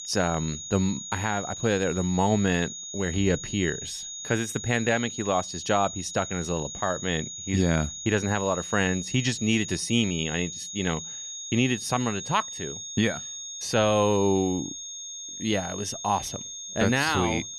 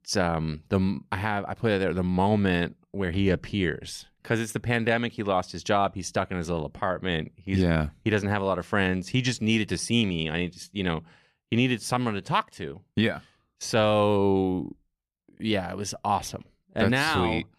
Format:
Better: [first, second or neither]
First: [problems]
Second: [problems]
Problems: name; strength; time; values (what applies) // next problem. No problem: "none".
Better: second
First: high-pitched whine; loud; throughout; 6.5 kHz, 8 dB below the speech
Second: none